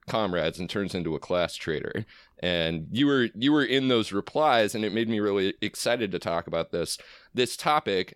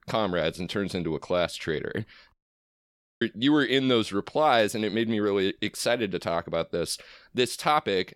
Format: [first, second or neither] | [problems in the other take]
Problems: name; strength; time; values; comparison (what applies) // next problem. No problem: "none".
first | audio cutting out; at 2.5 s for 1 s